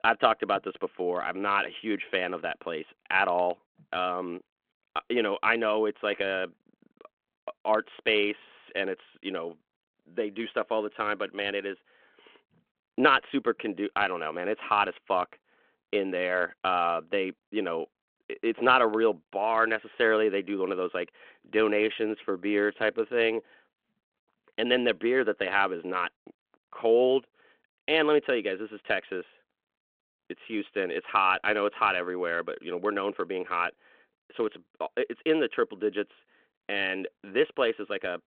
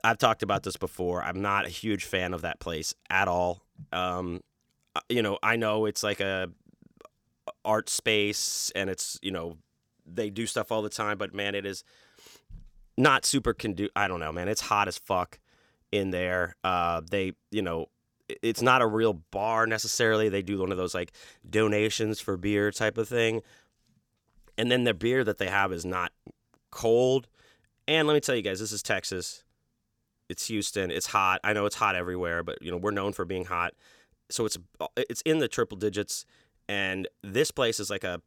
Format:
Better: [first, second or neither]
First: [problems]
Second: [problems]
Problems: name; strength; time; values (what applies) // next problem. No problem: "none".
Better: second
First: phone-call audio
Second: none